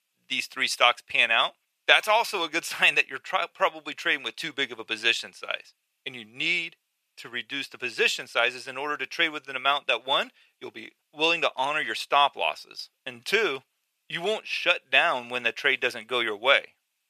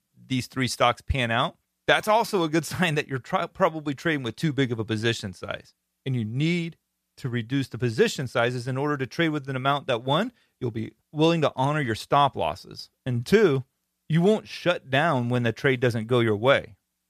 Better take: second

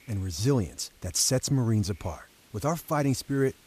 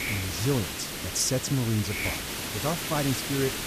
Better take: first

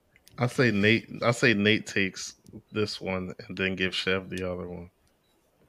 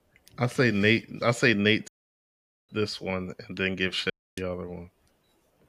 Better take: first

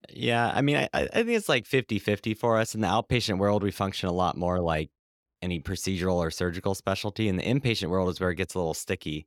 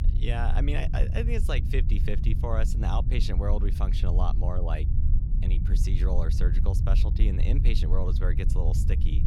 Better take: first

